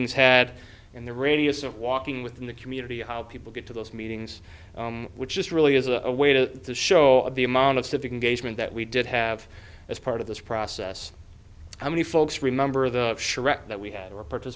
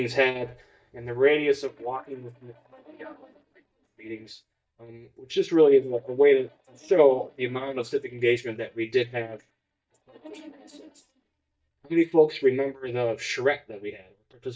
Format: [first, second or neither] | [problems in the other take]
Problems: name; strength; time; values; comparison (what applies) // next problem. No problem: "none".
first | noise reduction (neural mask model DeepFilterNet 3)